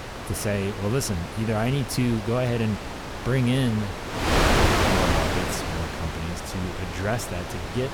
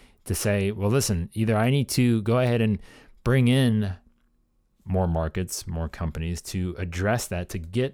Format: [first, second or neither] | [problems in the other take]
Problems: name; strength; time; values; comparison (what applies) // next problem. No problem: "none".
second | wind noise on the microphone; heavy; 3 dB above the speech